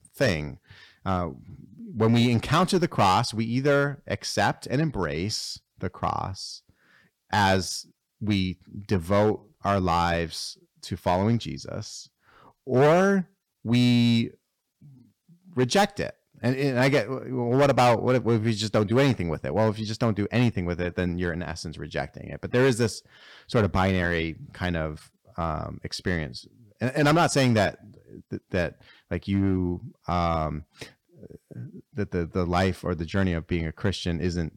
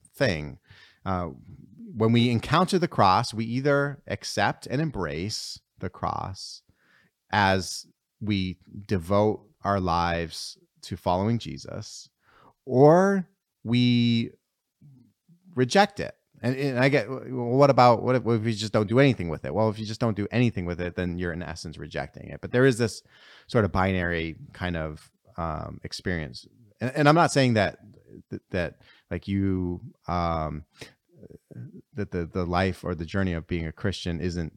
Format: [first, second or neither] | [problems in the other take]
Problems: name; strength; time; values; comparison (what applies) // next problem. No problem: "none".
second | distortion; slight; 4% of the sound clipped